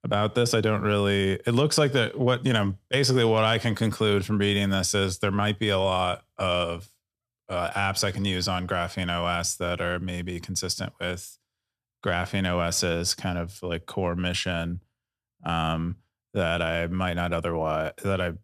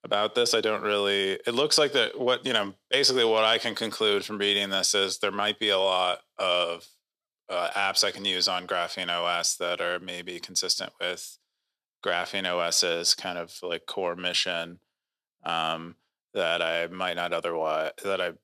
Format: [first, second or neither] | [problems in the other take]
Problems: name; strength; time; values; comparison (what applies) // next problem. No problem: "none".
first | thin; somewhat; fading below 400 Hz